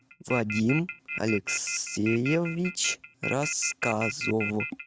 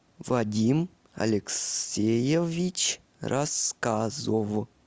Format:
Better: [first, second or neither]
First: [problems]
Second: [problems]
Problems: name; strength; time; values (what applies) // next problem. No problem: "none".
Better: second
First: noise reduction (neural mask model RNNoise)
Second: none